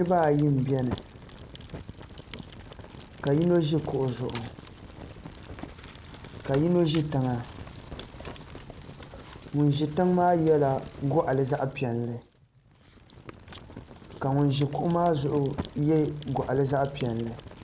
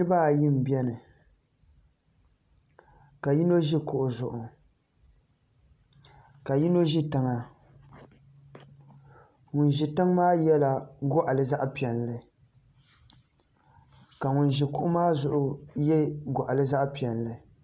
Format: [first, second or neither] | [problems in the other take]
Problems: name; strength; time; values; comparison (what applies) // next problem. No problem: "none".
second | background sound (Fire); 15 dB below the speech